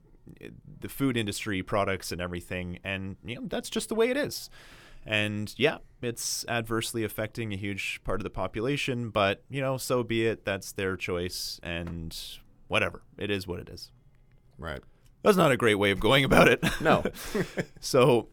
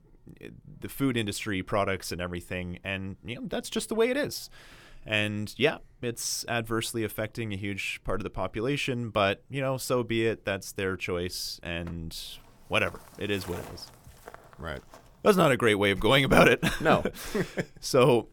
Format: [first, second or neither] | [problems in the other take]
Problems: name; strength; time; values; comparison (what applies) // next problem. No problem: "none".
first | footsteps; faint; from 12 to 15 s; peak 15 dB below the speech